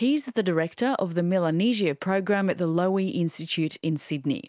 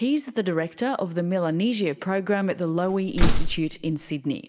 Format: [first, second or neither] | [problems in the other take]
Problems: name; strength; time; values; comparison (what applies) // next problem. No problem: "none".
first | background sound (Slam); 4 dB above the speech // room echo; dies away in 1.1 s